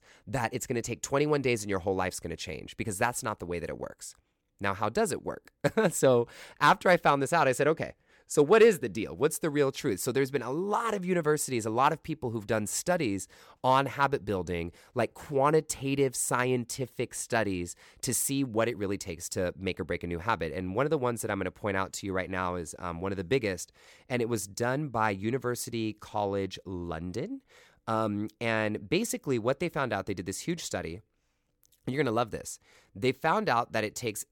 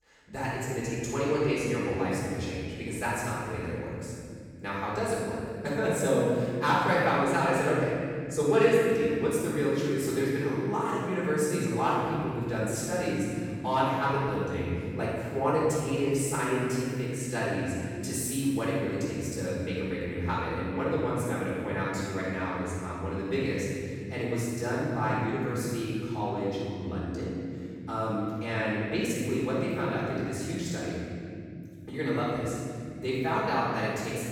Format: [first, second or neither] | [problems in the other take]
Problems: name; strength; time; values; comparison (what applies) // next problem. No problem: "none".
first | room echo; strong; dies away in 3 s // off-mic speech; far